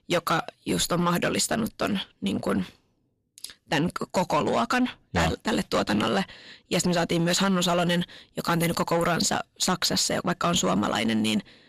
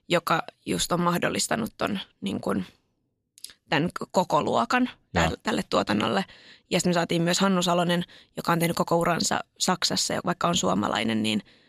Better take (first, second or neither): second